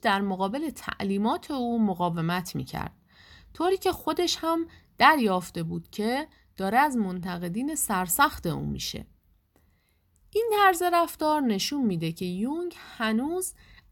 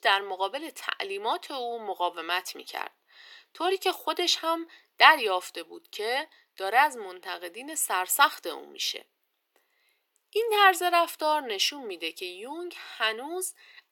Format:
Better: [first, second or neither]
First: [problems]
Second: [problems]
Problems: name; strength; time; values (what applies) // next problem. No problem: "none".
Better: first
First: none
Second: thin; very; fading below 350 Hz